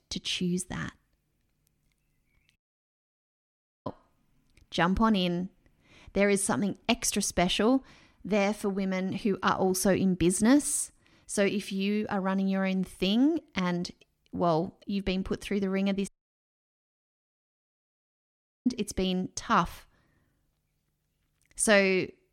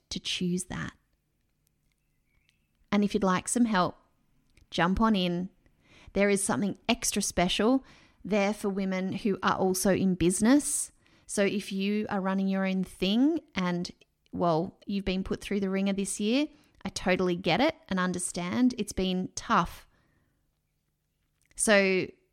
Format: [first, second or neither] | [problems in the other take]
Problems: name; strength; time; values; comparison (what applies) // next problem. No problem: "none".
second | audio cutting out; at 2.5 s for 1.5 s and at 16 s for 2.5 s